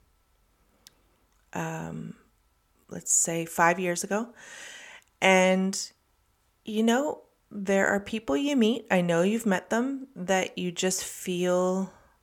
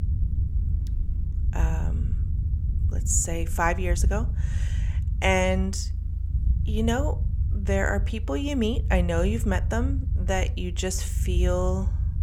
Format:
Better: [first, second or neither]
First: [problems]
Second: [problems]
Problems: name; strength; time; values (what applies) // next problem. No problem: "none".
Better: first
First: none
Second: low rumble; noticeable; throughout; 15 dB below the speech